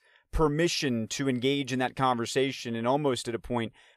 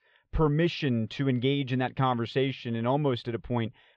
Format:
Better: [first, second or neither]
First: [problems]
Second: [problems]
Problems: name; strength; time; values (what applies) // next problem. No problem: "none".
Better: first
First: none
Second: muffled; slightly; fading above 3.5 kHz